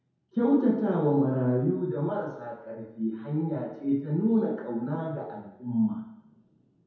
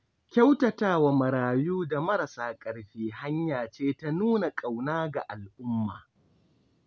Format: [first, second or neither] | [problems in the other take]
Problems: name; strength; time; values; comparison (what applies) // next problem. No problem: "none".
second | room echo; dies away in 1 s